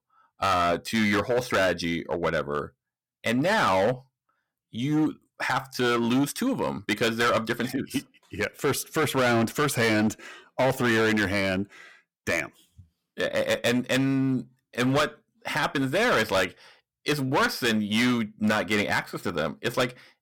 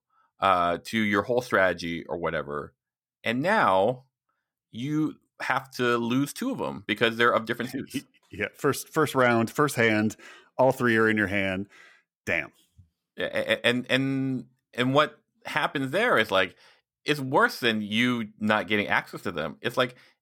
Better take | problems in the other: second | distortion; heavy; 10% of the sound clipped

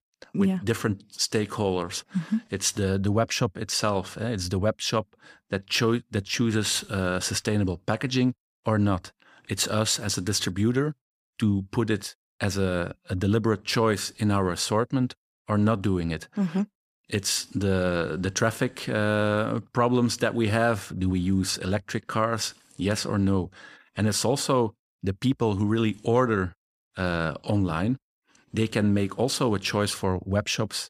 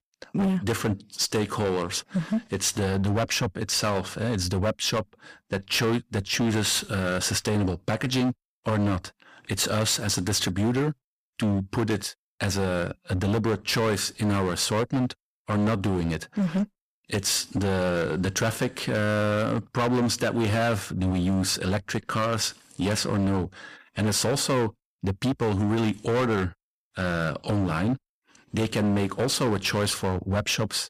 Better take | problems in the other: first | distortion; heavy; 16% of the sound clipped

